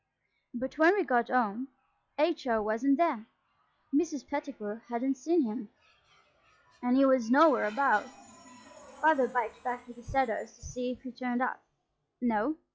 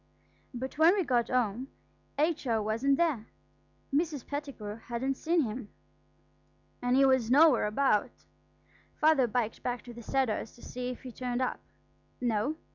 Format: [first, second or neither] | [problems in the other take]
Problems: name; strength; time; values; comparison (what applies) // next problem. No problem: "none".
second | noise reduction (classical method log-MMSE)